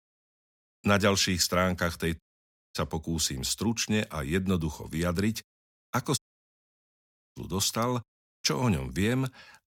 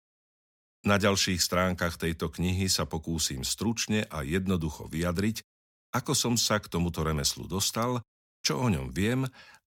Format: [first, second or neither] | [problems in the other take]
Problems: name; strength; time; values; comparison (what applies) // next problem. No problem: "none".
second | audio cutting out; at 2 s for 0.5 s and at 6 s for 1 s